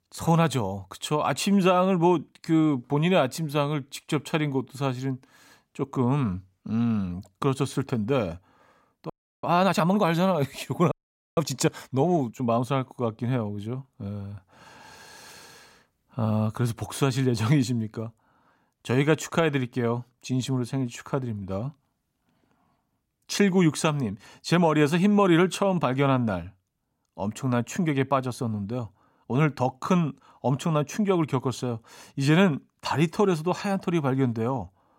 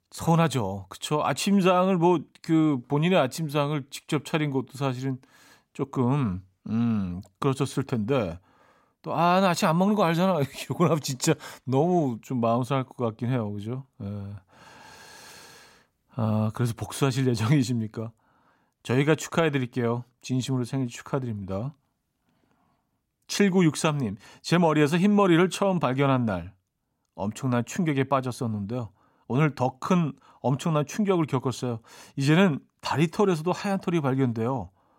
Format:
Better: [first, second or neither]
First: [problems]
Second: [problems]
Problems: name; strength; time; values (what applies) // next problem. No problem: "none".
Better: second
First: audio freezing; at 9 s and at 11 s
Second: none